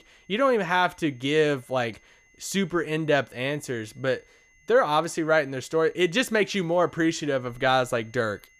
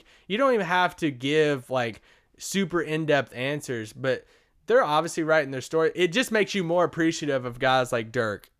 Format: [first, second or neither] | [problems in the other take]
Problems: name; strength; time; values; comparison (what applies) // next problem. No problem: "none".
second | high-pitched whine; faint; throughout; 2 kHz, 35 dB below the speech